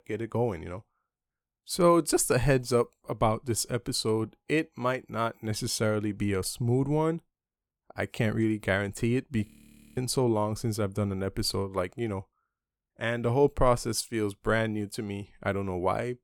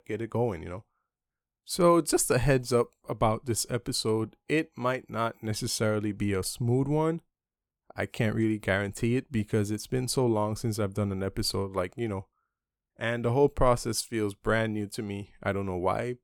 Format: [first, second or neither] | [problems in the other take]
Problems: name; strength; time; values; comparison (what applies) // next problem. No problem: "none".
second | audio freezing; at 9.5 s for 0.5 s